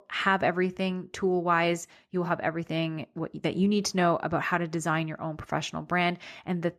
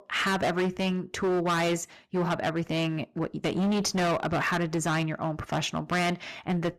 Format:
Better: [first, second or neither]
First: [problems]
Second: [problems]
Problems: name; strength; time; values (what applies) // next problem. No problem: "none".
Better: first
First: none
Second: distortion; heavy; 18% of the sound clipped